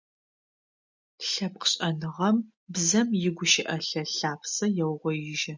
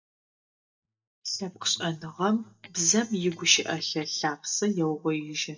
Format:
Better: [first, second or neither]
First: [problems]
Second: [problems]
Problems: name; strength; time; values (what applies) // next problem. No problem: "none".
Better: first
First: none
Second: noise reduction (neural mask model DeepFilterNet 3)